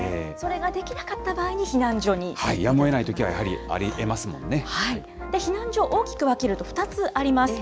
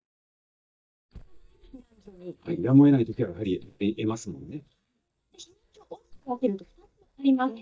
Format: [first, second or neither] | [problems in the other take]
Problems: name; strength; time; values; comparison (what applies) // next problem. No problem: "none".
first | noise reduction (neural mask model DeepFilterNet 3)